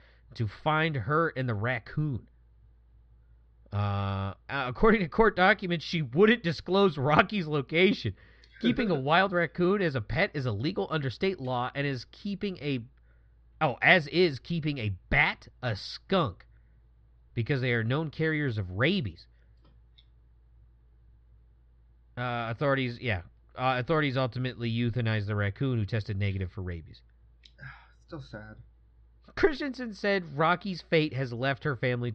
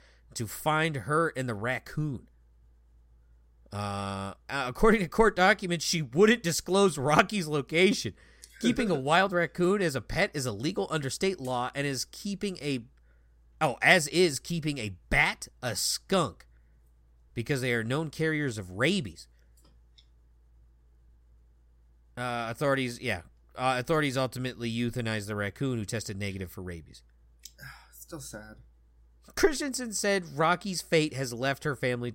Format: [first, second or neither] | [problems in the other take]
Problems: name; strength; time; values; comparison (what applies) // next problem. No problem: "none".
second | muffled; slightly; fading above 4 kHz